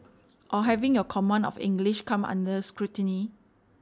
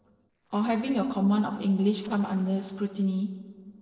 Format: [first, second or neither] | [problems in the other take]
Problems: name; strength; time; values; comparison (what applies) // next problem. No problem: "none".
first | noise reduction (neural separator model SepFormer DNS4)